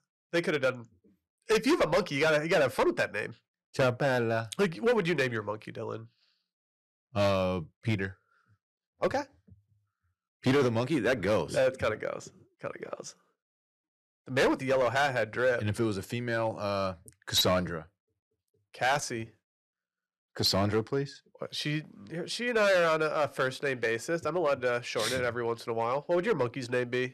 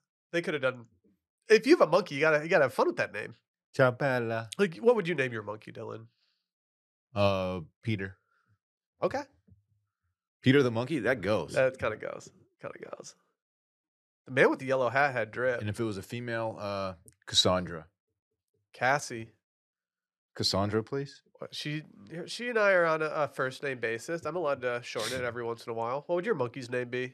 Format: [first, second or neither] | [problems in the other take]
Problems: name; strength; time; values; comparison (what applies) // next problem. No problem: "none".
second | distortion; heavy; 5% of the sound clipped